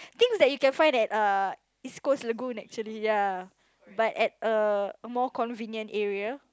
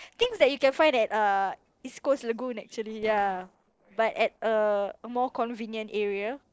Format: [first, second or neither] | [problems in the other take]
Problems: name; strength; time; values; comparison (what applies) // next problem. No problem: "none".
first | noise reduction (neural separator model SepFormer DNS4)